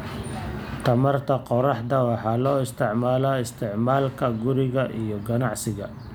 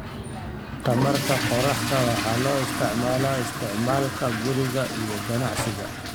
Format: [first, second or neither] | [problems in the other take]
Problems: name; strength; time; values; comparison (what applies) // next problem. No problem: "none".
first | background sound (Fill (with liquid) / Toilet flush); 3 dB below the speech